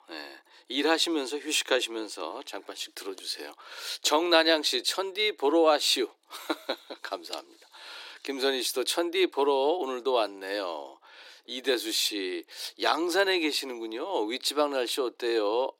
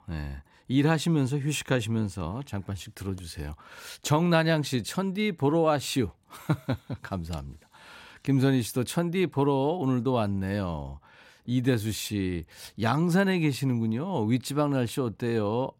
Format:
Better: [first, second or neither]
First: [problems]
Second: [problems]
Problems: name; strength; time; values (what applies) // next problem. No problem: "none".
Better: second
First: thin; very; fading below 300 Hz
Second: none